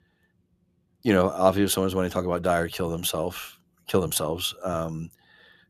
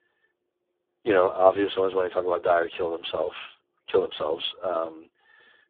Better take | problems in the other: first | phone-call audio; poor line; nothing above 3.5 kHz

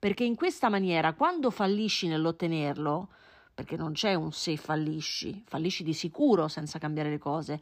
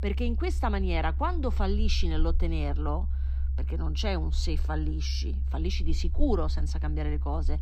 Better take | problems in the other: first | low rumble; noticeable; throughout; 15 dB below the speech

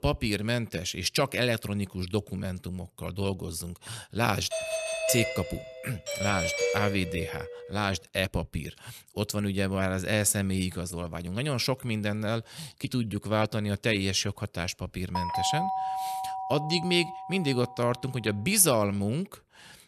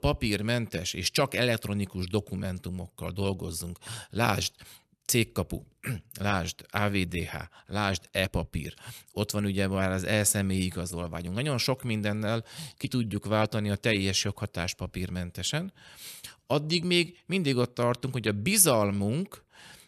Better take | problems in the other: second | doorbell; loud; from 4.5 to 7.5 s; peak 1 dB above the speech // doorbell; noticeable; from 15 to 18 s; peak level with the speech

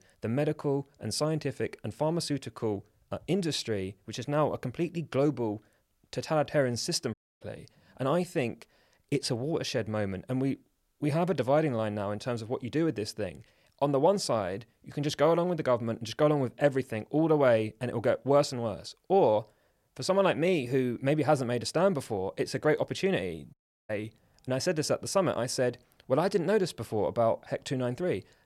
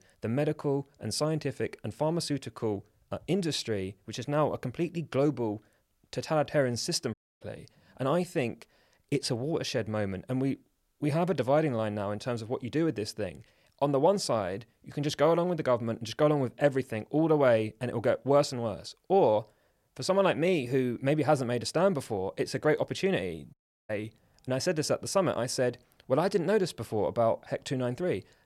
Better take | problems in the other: neither | audio cutting out; at 7 s and at 24 s; the same in both

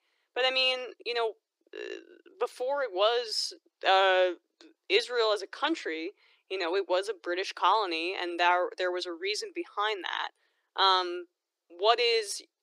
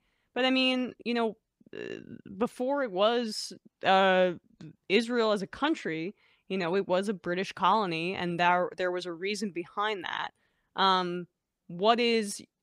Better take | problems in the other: second | thin; very; fading below 350 Hz

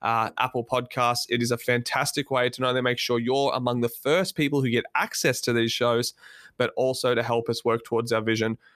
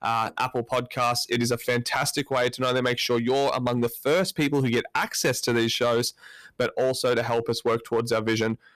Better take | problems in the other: first | distortion; slight; 6% of the sound clipped

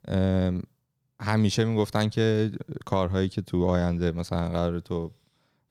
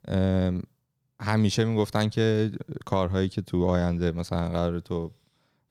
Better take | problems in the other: neither | none

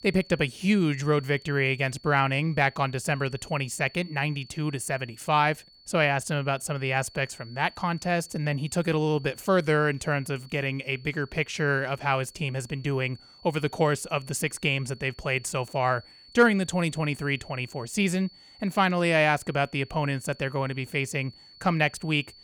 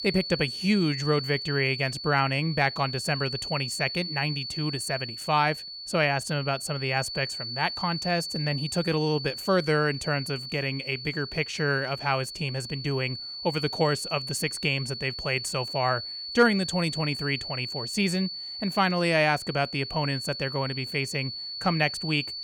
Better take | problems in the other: first | high-pitched whine; loud; throughout; 4.5 kHz, 6 dB below the speech; faint in the first

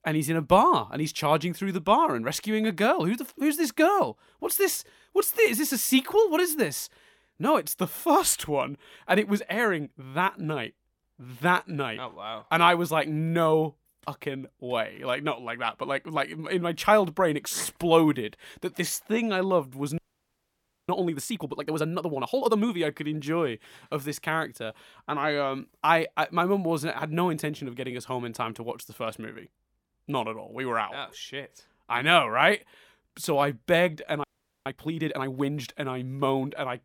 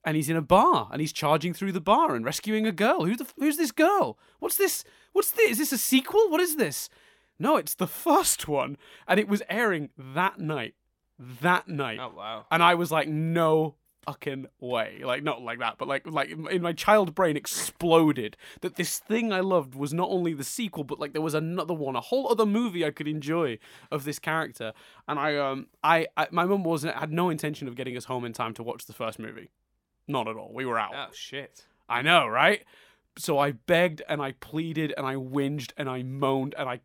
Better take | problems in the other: second | audio freezing; at 20 s for 1 s and at 34 s

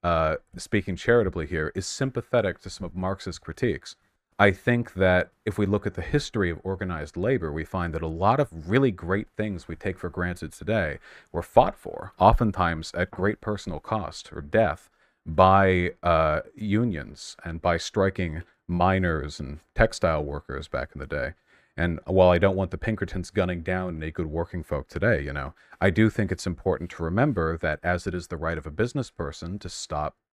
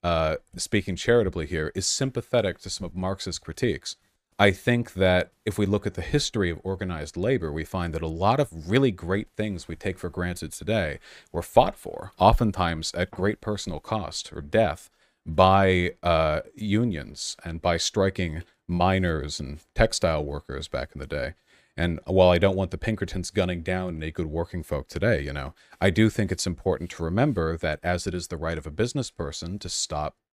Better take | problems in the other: second | muffled; slightly; fading above 2.5 kHz

